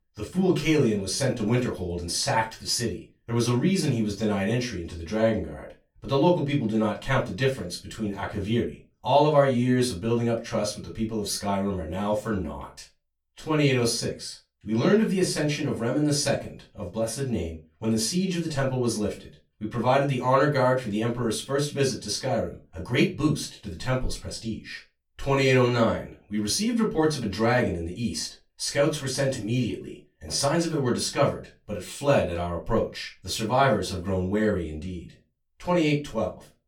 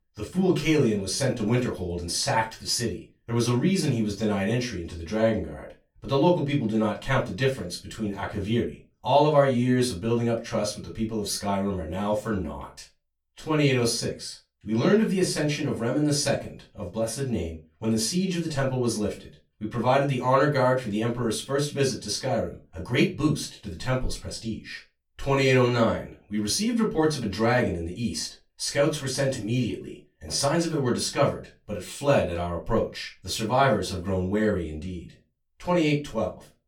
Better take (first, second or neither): neither